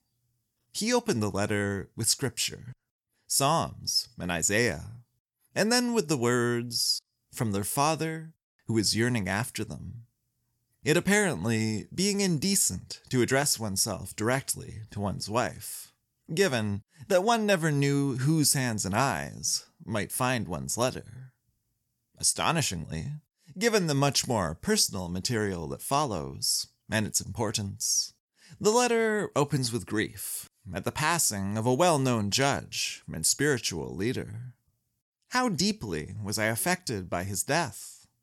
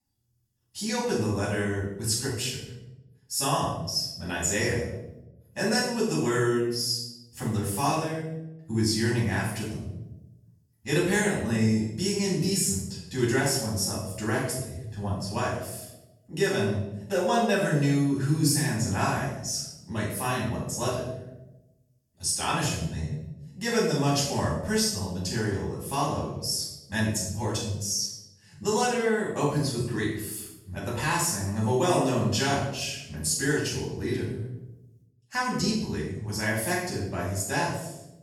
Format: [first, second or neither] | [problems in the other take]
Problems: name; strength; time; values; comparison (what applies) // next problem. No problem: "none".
first | off-mic speech; far // room echo; noticeable; dies away in 0.8 s